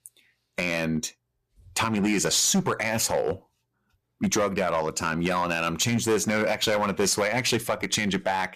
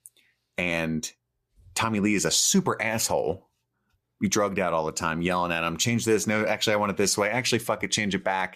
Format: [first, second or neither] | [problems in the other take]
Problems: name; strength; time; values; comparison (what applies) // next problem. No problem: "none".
second | distortion; slight; 6% of the sound clipped